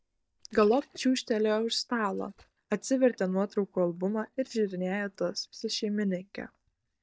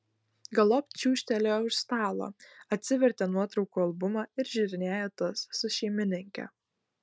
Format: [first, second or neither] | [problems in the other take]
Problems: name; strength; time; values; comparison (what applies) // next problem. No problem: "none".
second | noise reduction (neural mask model DeepFilterNet 3)